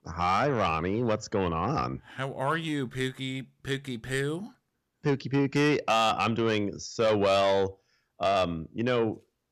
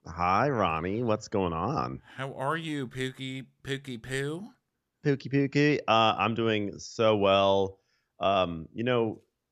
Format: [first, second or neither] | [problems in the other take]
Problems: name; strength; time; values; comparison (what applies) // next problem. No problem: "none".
second | distortion; slight; 10 dB below the speech